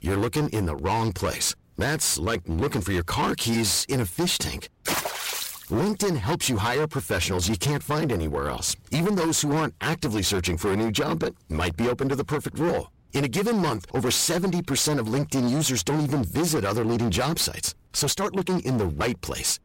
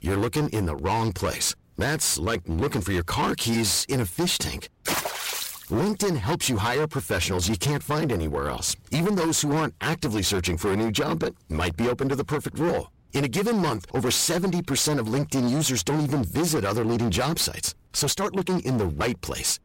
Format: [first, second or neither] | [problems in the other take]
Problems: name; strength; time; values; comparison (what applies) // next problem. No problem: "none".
neither | distortion; heavy; 23% of the sound clipped; the same in both